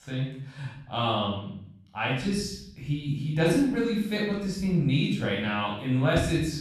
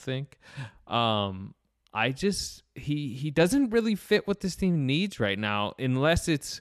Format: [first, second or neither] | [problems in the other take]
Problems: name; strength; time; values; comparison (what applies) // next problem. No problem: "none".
second | off-mic speech; far // room echo; noticeable; dies away in 0.7 s